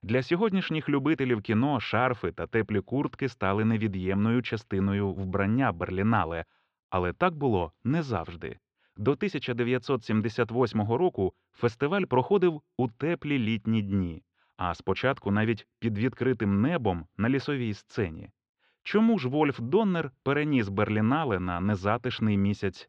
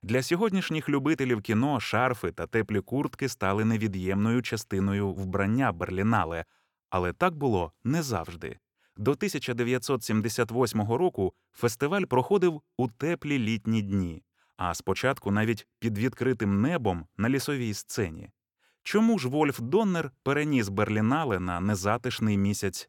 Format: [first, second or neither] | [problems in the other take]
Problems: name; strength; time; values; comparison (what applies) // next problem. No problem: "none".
second | muffled; slightly; fading above 4 kHz